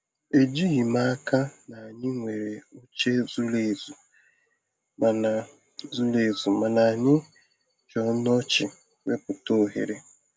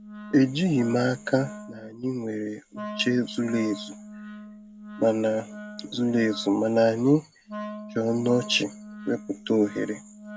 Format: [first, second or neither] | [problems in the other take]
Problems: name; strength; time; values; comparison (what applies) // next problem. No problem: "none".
first | background sound (Wind instrument, woodwind instrument); 15 dB below the speech